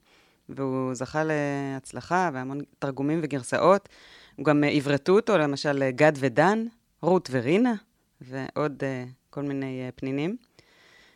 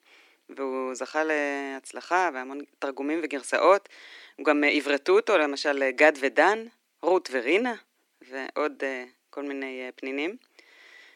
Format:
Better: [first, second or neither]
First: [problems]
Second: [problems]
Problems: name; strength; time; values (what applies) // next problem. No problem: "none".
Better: first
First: none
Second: thin; very slightly; fading below 300 Hz